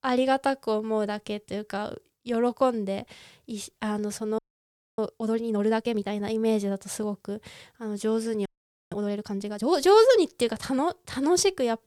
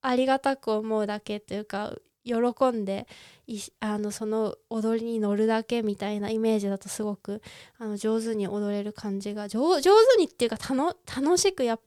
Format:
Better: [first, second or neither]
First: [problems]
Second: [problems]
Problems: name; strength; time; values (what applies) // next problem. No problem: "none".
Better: second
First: audio freezing; at 4.5 s for 0.5 s and at 8.5 s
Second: none